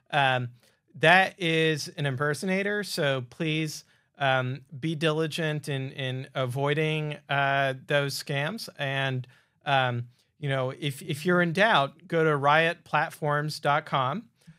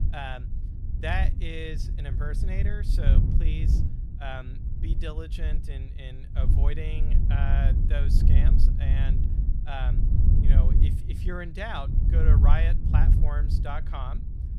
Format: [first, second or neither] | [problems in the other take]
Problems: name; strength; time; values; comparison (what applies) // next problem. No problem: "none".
first | wind noise on the microphone; heavy; 4 dB below the speech